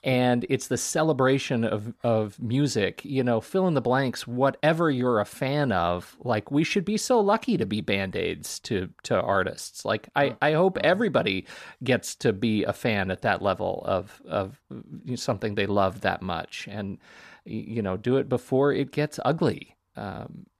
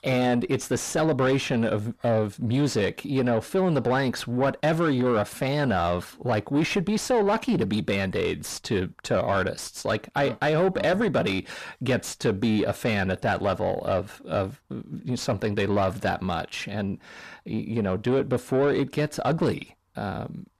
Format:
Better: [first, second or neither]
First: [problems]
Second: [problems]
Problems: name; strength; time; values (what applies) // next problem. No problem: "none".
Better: first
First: none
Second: distortion; slight; 10 dB below the speech